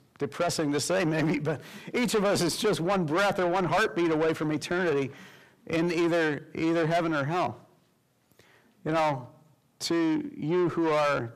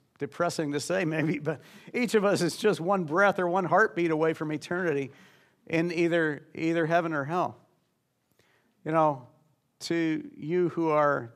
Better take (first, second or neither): second